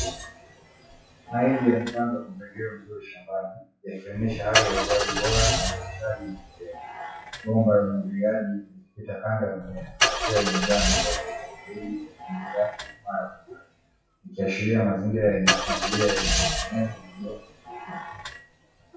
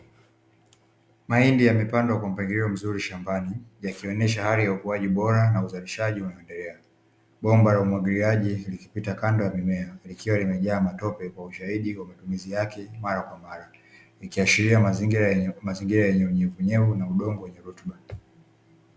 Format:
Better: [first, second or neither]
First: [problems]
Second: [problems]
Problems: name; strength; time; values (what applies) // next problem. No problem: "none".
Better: second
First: noise reduction (classical method WPE with log-MMSE)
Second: none